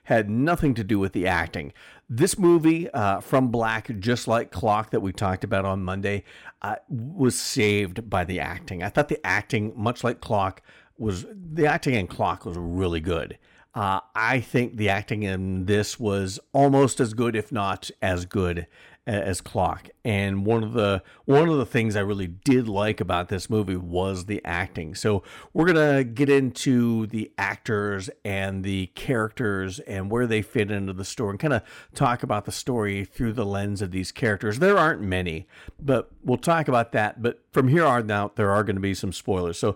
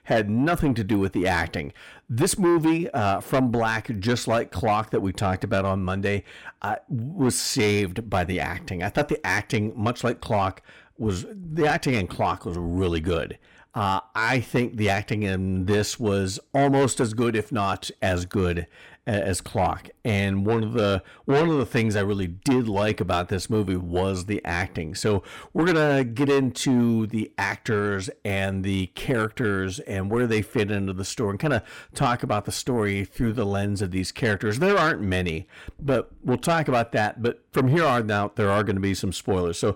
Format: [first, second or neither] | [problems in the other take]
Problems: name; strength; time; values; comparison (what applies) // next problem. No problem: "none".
first | distortion; slight; 10 dB below the speech